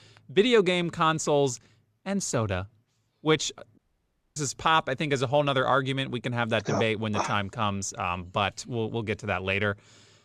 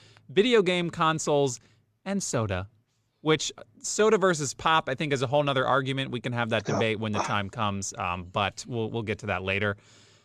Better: second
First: audio cutting out; at 4 s for 0.5 s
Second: none

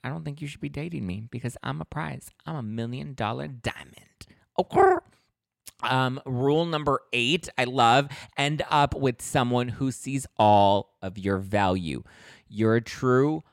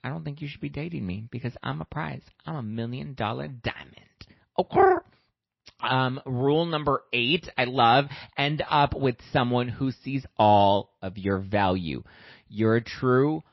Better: first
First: none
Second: garbled, watery; slightly; nothing above 5.5 kHz

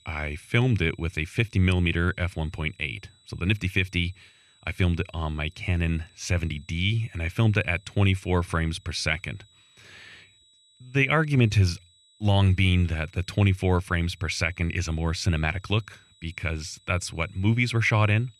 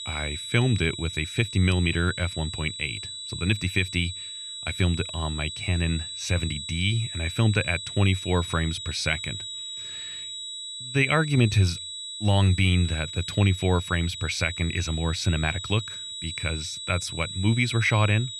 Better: first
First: high-pitched whine; faint; throughout; 4 kHz, 30 dB below the speech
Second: high-pitched whine; loud; throughout; 4 kHz, 8 dB below the speech

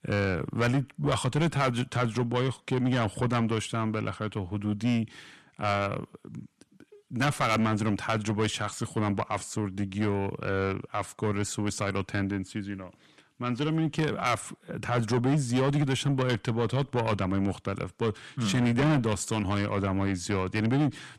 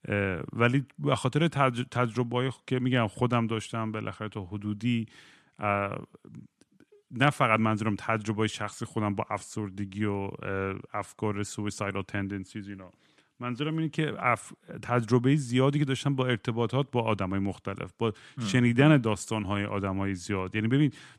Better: second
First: distortion; heavy; 7 dB below the speech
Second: none

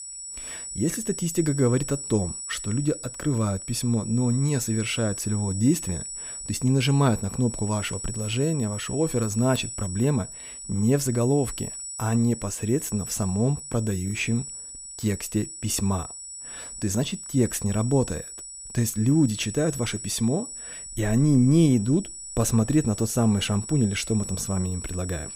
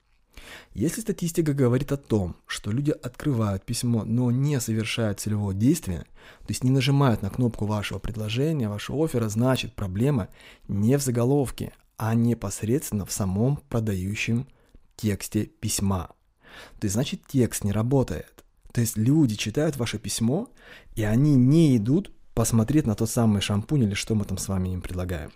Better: second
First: high-pitched whine; loud; throughout; 8 kHz, 9 dB below the speech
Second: none

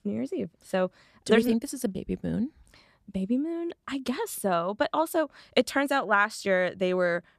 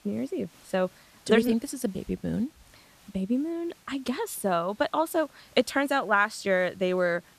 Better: first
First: none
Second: hiss; faint; throughout; 30 dB below the speech

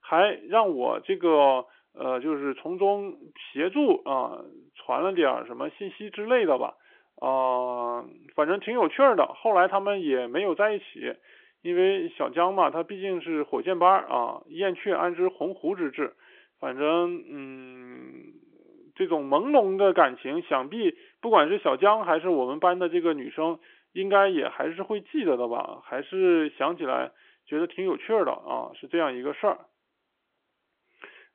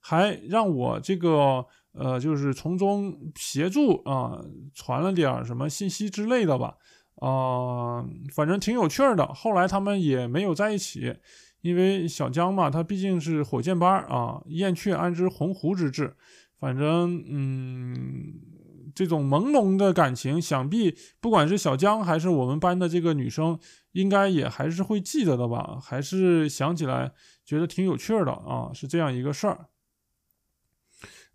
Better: second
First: phone-call audio; nothing above 3.5 kHz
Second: none

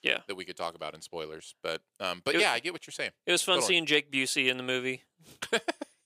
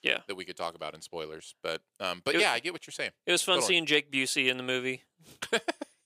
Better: neither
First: thin; somewhat; fading below 300 Hz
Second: thin; somewhat; fading below 300 Hz

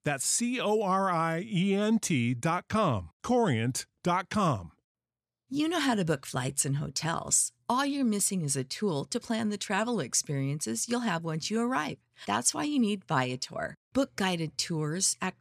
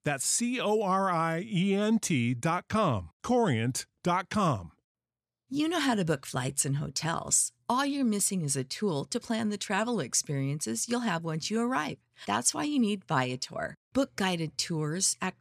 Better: neither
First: none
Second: none

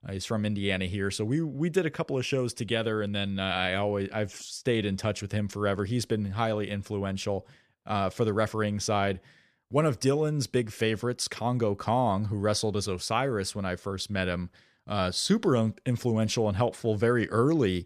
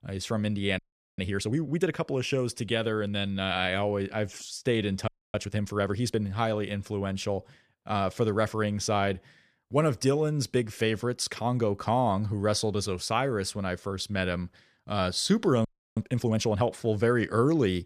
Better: first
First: none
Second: audio freezing; at 1 s, at 5 s and at 16 s

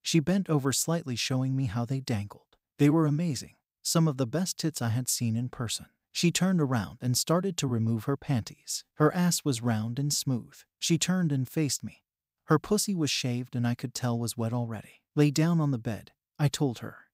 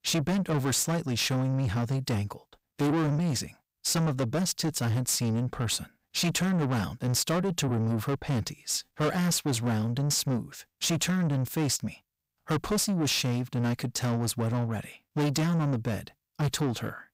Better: first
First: none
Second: distortion; heavy; 7 dB below the speech

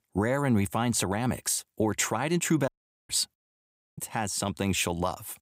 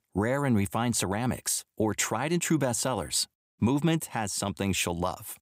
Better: second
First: audio cutting out; at 2.5 s and at 3.5 s for 0.5 s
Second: none

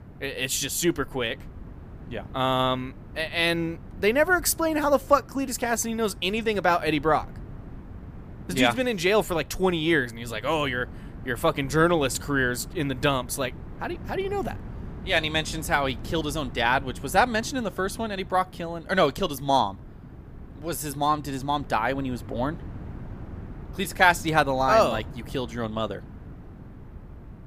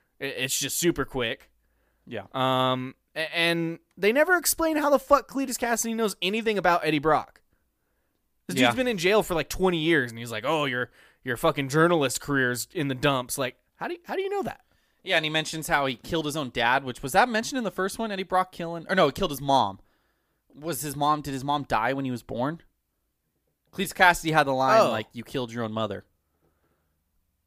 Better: second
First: wind noise on the microphone; occasional gusts; 25 dB below the speech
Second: none

